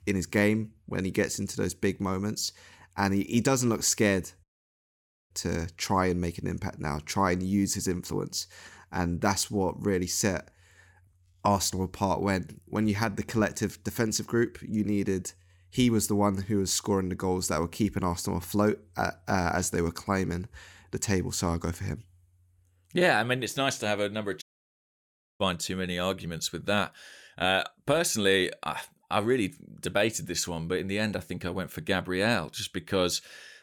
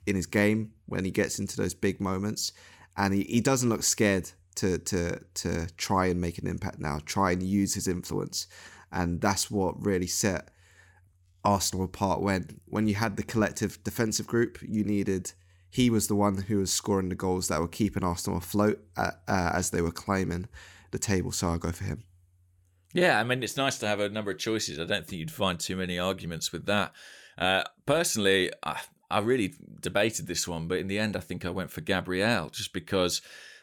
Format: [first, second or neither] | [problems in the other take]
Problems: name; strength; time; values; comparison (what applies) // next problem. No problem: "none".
second | audio cutting out; at 4.5 s for 1 s and at 24 s for 1 s